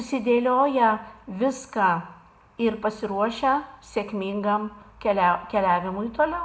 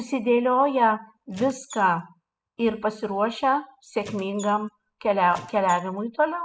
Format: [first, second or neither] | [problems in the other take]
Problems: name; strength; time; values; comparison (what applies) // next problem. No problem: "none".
first | noise reduction (classical method spectral subtraction)